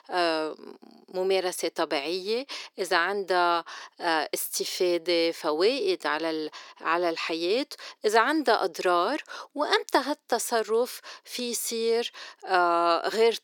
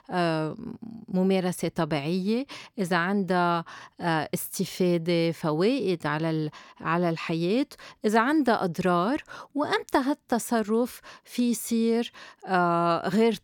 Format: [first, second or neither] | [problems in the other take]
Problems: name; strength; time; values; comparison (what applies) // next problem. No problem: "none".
second | thin; somewhat; fading below 350 Hz